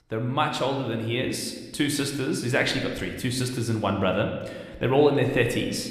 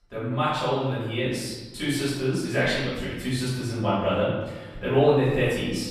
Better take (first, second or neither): first